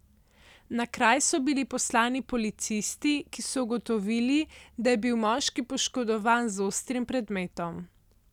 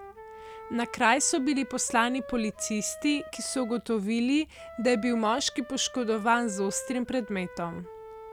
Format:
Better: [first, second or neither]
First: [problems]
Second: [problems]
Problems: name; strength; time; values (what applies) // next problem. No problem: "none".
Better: first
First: none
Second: background sound (Wind instrument, woodwind instrument); 15 dB below the speech